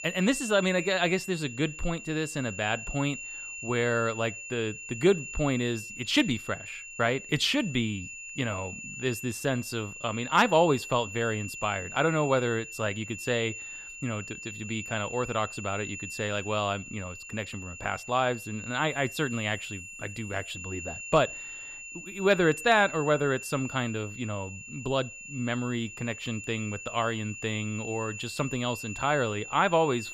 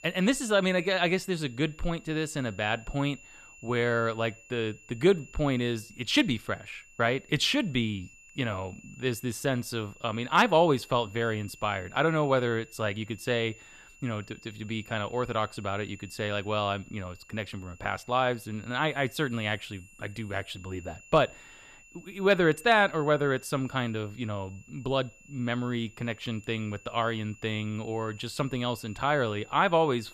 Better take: second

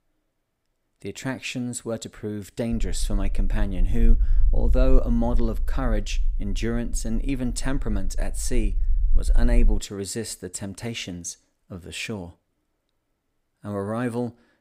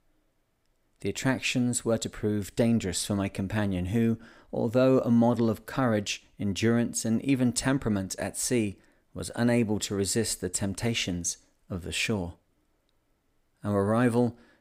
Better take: second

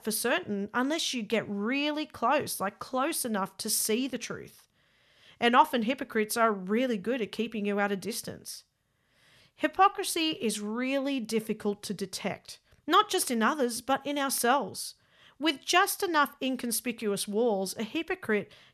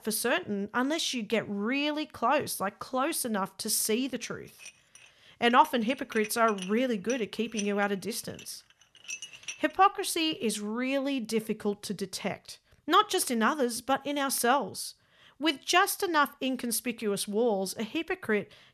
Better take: first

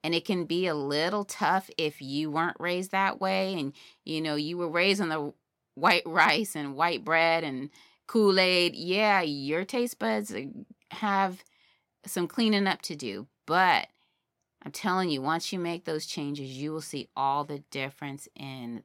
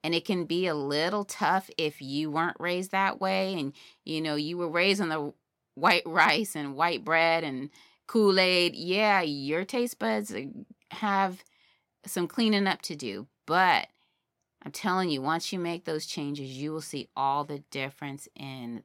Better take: neither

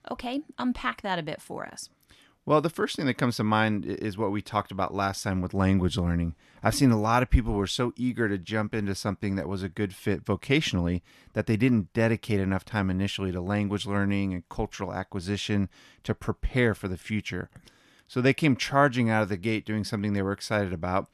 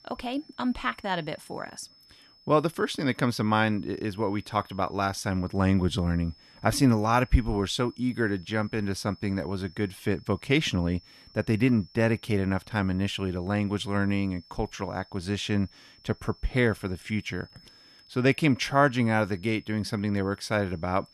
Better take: first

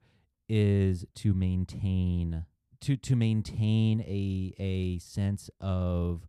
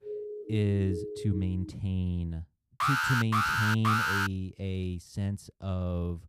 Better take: first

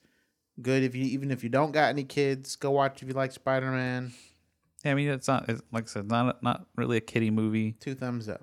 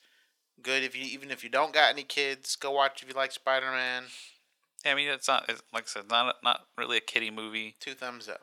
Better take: first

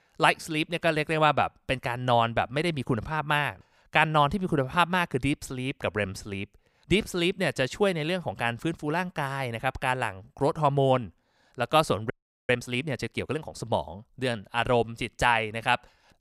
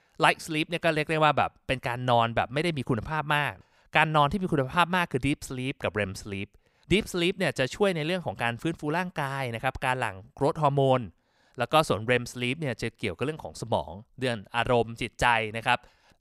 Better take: second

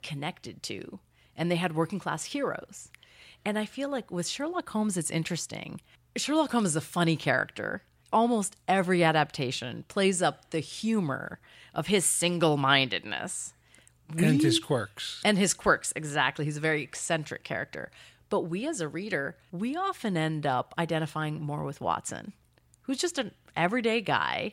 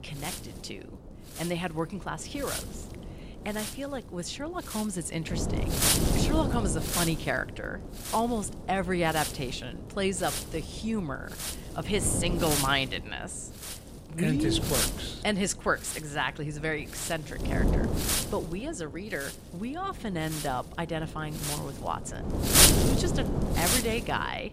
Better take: first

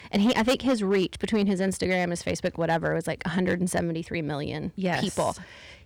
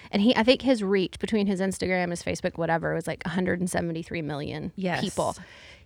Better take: second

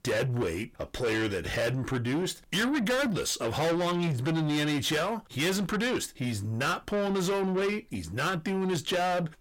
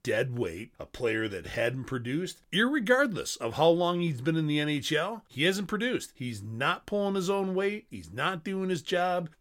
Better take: second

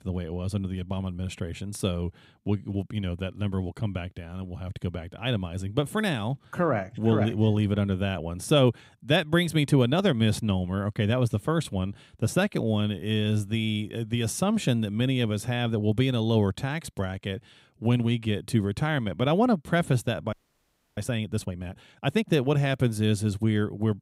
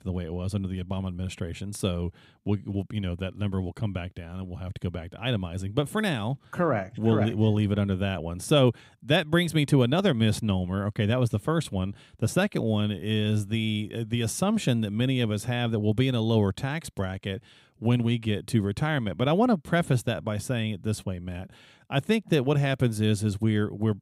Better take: second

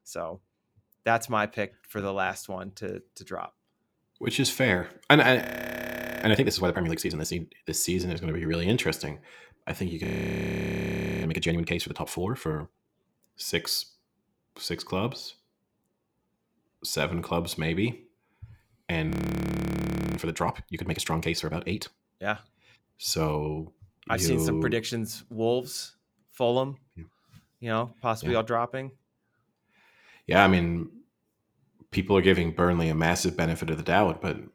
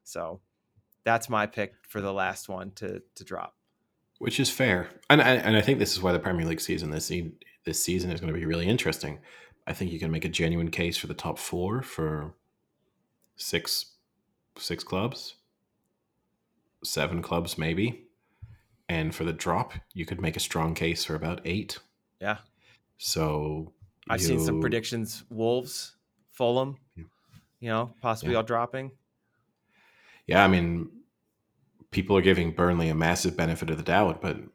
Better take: second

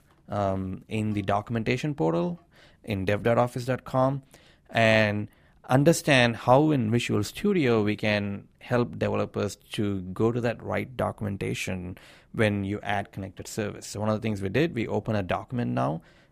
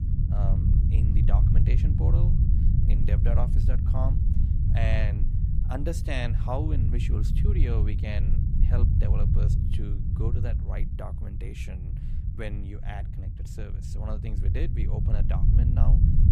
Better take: first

